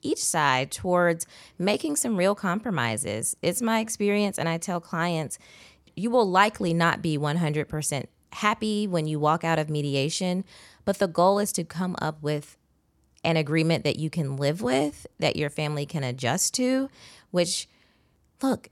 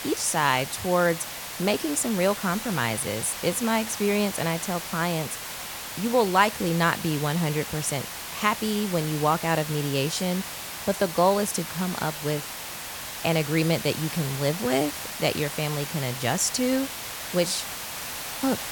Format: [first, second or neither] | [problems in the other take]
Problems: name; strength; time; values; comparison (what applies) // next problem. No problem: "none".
first | hiss; loud; throughout; 7 dB below the speech